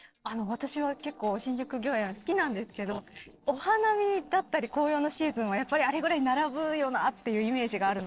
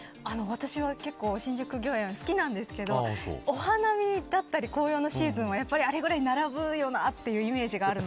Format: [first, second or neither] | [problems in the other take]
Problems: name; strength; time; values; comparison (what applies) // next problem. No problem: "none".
second | noise reduction (neural separator model SepFormer DNS4)